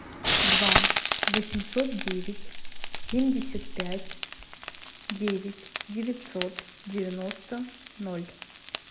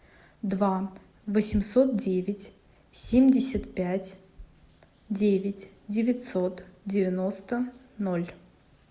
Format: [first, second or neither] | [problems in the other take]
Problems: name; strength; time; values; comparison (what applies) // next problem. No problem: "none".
second | background sound (Frying (food)); 2 dB above the speech